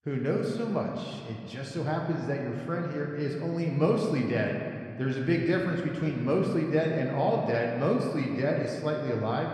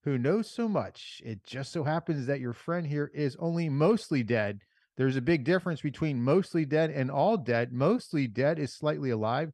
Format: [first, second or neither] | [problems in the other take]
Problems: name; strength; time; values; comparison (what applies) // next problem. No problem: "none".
second | room echo; noticeable; dies away in 2 s